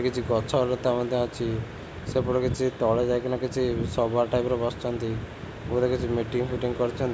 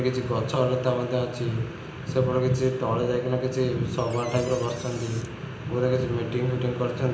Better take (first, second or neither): first